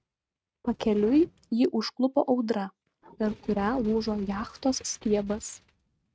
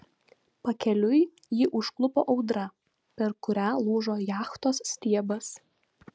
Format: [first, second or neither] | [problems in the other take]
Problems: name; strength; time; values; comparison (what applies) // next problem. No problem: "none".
second | noise reduction (neural mask model RNNoise)